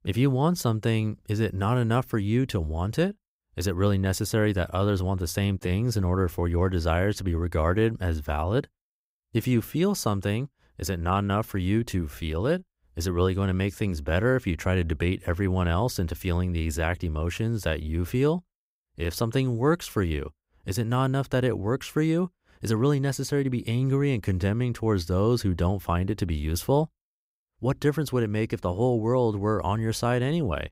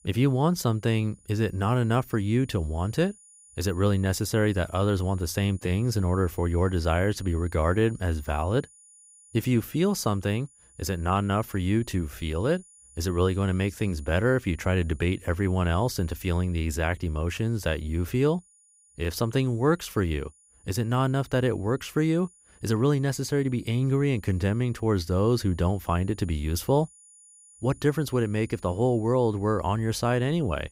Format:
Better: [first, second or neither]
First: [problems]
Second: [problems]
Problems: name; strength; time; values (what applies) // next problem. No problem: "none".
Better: first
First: none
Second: high-pitched whine; faint; throughout; 9.5 kHz, 25 dB below the speech